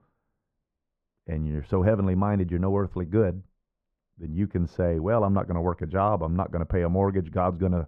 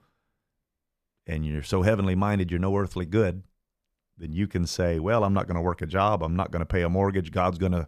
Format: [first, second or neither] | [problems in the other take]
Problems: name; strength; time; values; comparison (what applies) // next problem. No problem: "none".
second | muffled; very; fading above 3 kHz